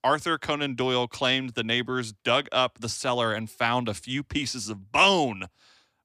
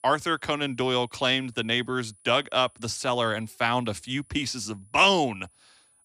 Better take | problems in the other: first | high-pitched whine; faint; throughout; 10 kHz, 30 dB below the speech

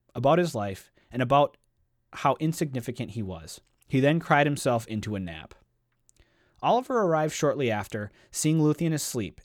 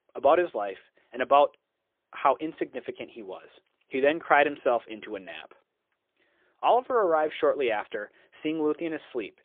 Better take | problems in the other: first | phone-call audio; poor line; nothing above 3.5 kHz

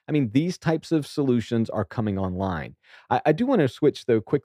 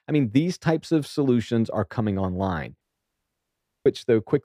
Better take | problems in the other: first | audio cutting out; at 3 s for 1 s

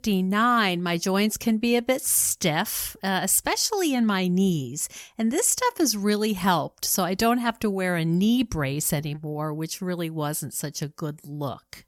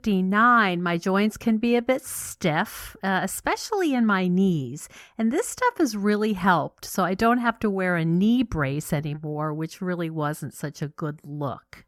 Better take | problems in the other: first | muffled; slightly; fading above 3 kHz

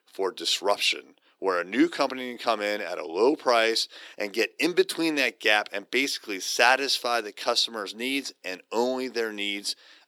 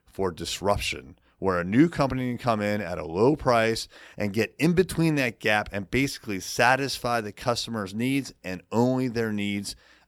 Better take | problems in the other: second | thin; somewhat; fading below 350 Hz

